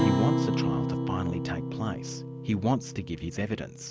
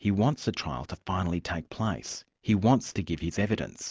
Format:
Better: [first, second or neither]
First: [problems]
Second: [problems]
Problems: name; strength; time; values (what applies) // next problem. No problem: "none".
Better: second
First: background sound (Acoustic guitar); 2 dB above the speech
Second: none